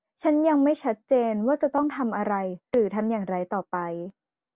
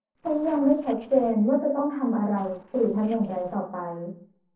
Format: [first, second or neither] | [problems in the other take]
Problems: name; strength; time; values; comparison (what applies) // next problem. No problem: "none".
first | noise reduction (neural separator model SepFormer DNS4)